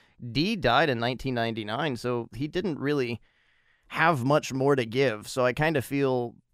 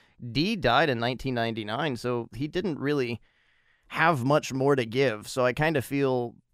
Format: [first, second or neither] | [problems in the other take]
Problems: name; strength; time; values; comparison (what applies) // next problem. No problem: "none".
neither | none